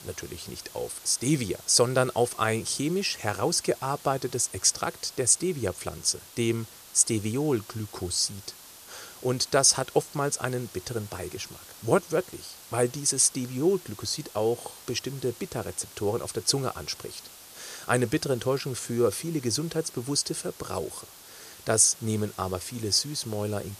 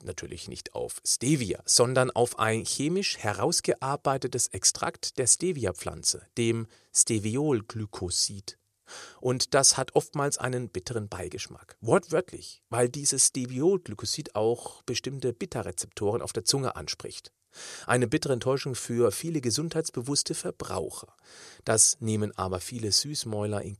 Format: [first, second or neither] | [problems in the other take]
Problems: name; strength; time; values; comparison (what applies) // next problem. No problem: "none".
second | hiss; noticeable; throughout; 20 dB below the speech